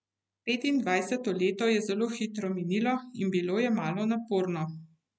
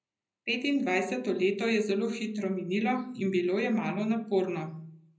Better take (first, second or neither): first